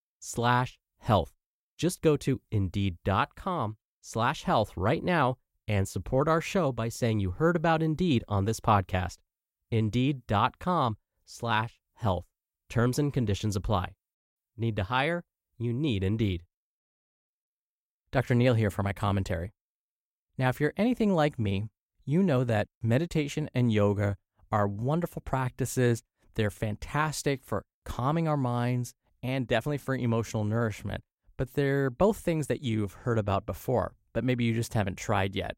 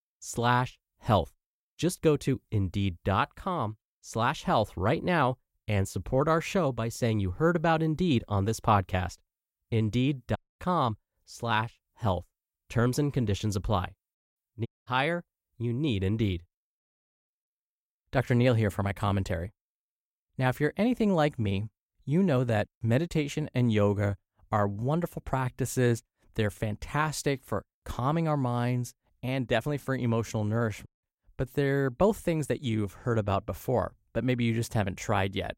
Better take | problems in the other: first | audio cutting out; at 10 s, at 15 s and at 31 s

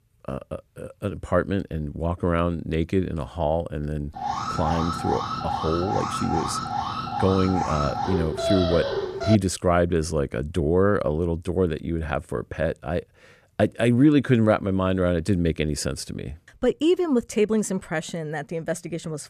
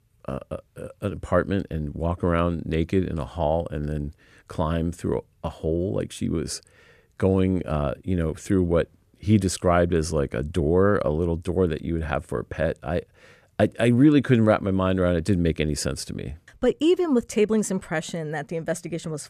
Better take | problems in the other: second | alarm; noticeable; from 4 to 9.5 s; peak level with the speech

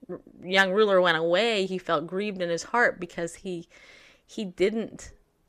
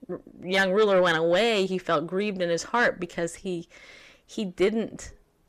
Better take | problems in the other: first | distortion; slight; 10 dB below the speech

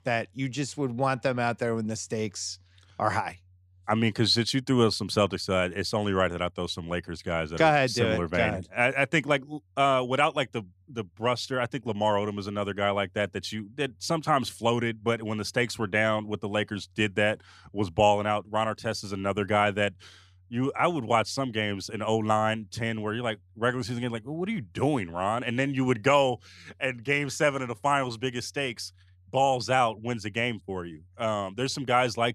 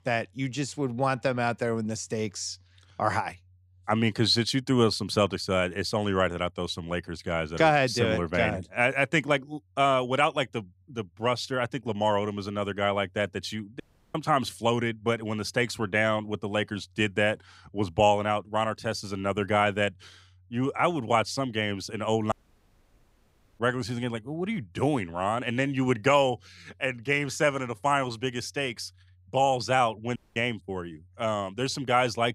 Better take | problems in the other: first | audio cutting out; at 14 s, at 22 s for 1.5 s and at 30 s

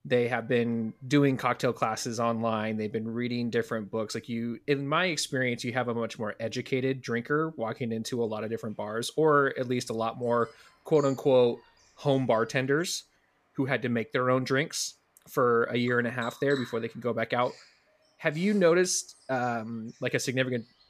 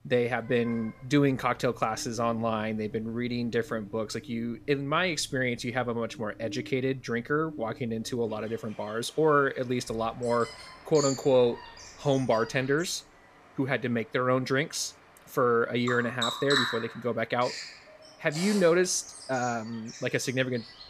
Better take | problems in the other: first | animal sounds; loud; throughout; 10 dB below the speech; faint in the first

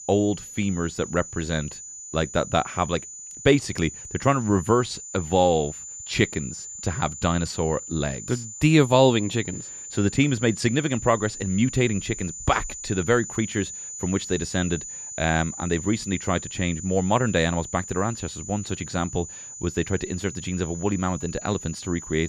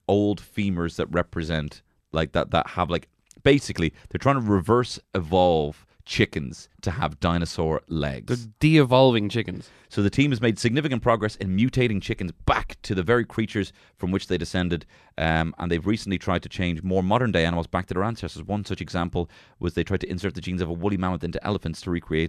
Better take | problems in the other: second | high-pitched whine; noticeable; throughout; 7 kHz, 10 dB below the speech

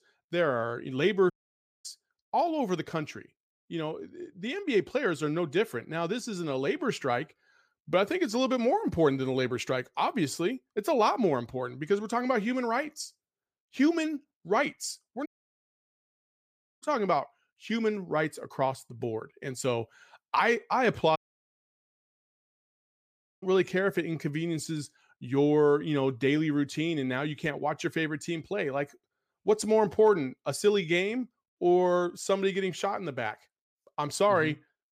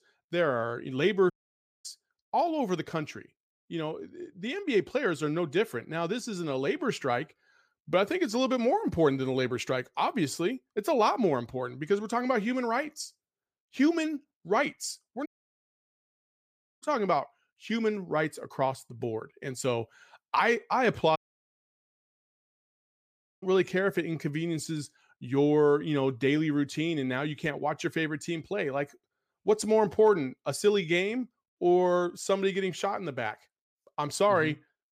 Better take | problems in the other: neither | audio cutting out; at 1.5 s for 0.5 s, at 15 s for 1.5 s and at 21 s for 2.5 s; the same in both

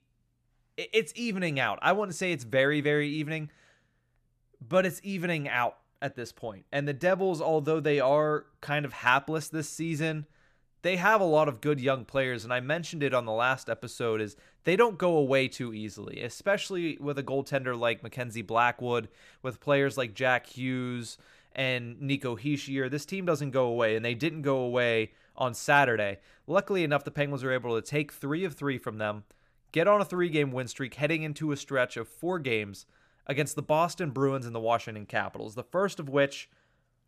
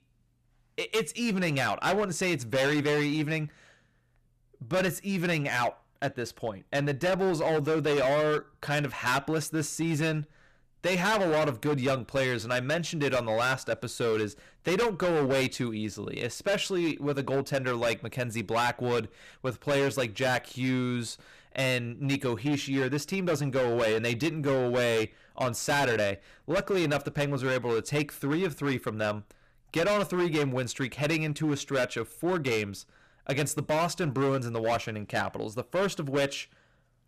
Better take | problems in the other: first | distortion; heavy; 14% of the sound clipped

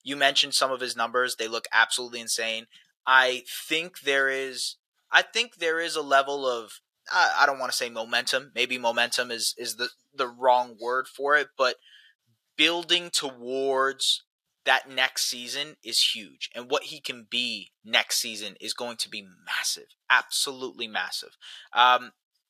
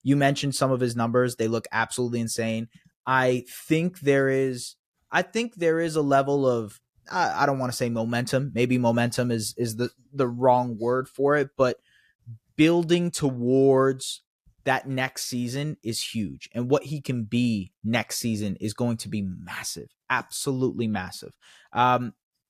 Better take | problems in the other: second | thin; very; fading below 700 Hz

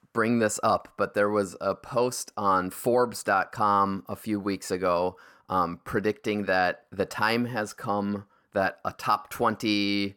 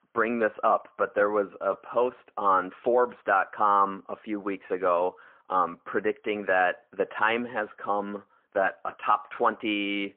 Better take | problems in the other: first | phone-call audio; poor line

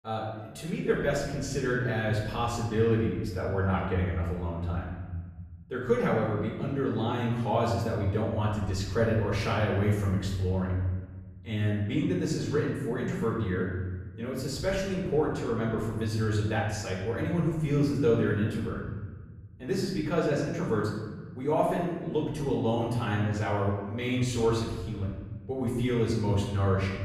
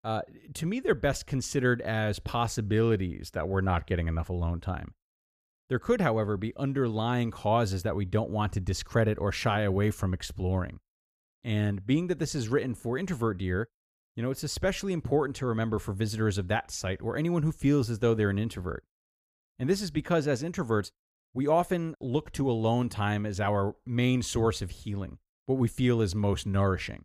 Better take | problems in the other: second | off-mic speech; far // room echo; noticeable; dies away in 1.5 s

